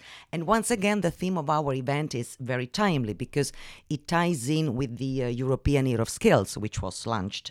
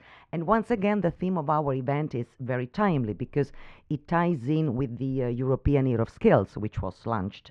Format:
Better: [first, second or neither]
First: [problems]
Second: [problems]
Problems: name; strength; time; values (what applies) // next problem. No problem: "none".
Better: first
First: none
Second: muffled; very; fading above 1.5 kHz